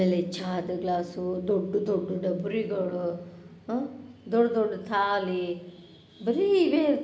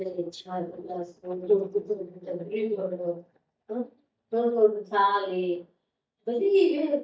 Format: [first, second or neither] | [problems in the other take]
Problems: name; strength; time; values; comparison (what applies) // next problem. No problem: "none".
first | noise reduction (neural mask model DeepFilterNet 3)